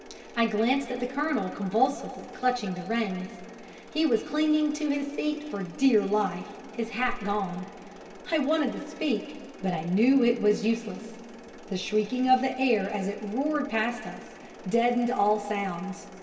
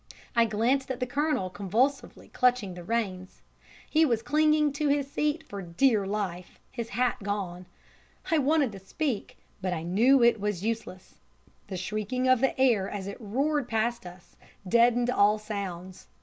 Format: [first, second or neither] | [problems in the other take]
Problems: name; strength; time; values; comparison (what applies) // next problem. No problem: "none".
second | background sound (Mechanisms); 19 dB below the speech // room echo; dies away in 2.5 s